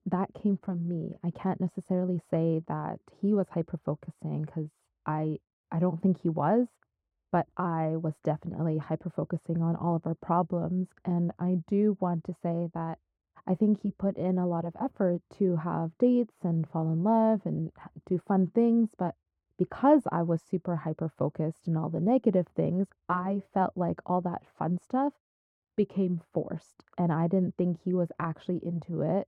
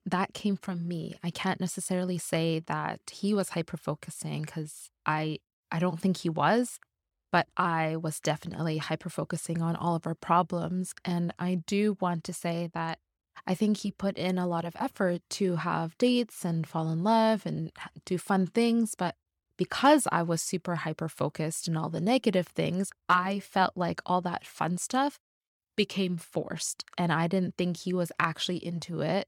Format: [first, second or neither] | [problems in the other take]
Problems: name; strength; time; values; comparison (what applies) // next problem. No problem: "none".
second | muffled; very; fading above 2 kHz